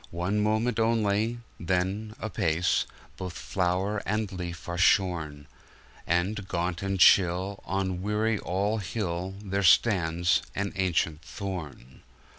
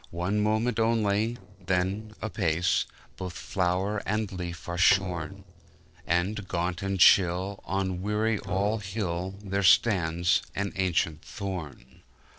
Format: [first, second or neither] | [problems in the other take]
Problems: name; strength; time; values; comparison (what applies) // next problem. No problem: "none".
first | noise reduction (neural separator model SepFormer DNS4)